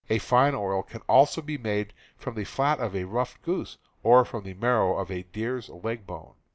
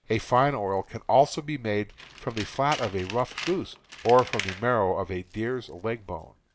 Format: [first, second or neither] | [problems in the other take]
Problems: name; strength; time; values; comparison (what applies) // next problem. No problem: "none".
first | background sound (Tools); 15 dB below the speech